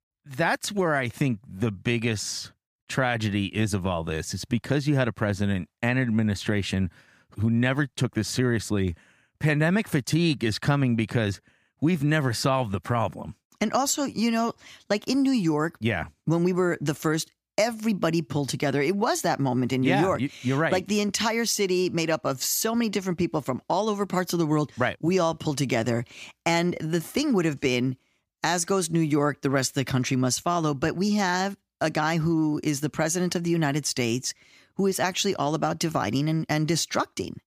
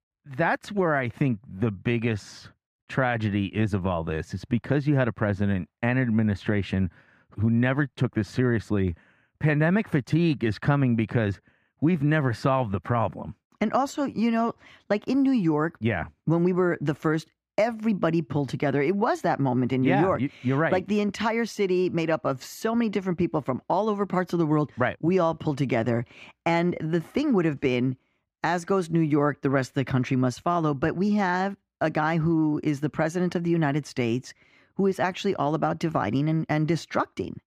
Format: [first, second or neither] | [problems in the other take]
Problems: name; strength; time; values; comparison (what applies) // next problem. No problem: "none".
first | muffled; slightly; fading above 3.5 kHz